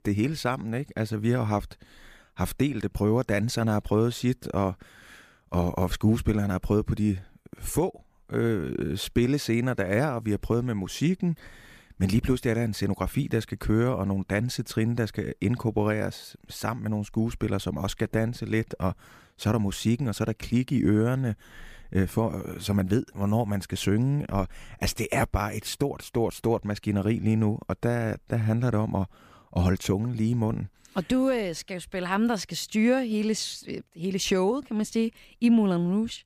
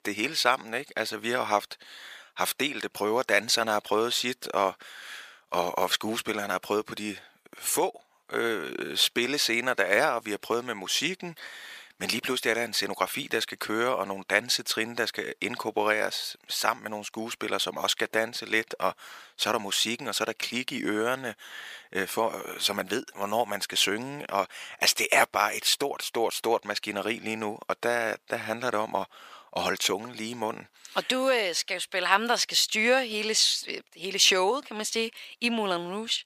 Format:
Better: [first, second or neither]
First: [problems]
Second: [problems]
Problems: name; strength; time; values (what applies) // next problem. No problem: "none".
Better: first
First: none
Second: thin; very; fading below 600 Hz